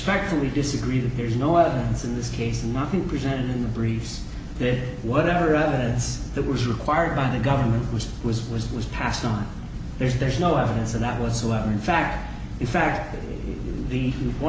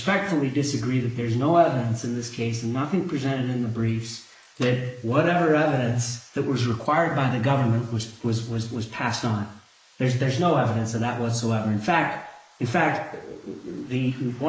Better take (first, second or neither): first